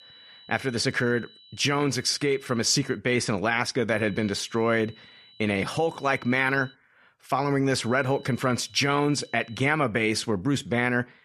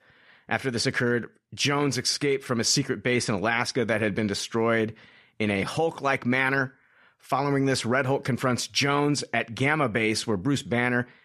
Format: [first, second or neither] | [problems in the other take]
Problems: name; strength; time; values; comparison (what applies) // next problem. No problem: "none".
second | high-pitched whine; faint; until 3 s, from 4 to 6.5 s and from 8 to 9.5 s; 4 kHz, 25 dB below the speech